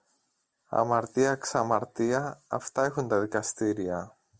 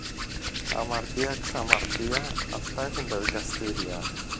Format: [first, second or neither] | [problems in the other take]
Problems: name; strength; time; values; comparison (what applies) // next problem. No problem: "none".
first | background sound (Hands); 3 dB above the speech